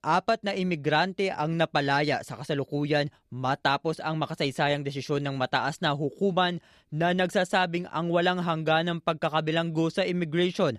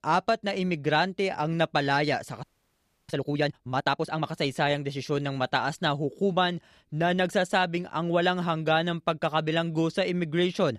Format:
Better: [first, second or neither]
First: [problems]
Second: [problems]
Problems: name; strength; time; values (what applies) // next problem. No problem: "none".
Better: first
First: none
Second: audio freezing; at 2.5 s for 0.5 s